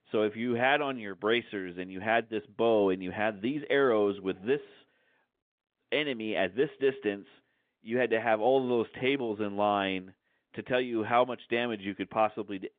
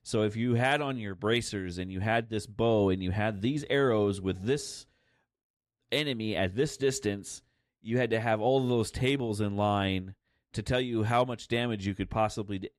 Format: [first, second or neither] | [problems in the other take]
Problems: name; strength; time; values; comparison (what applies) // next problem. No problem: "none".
second | phone-call audio; nothing above 3.5 kHz